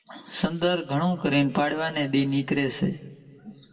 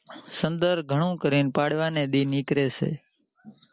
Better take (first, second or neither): second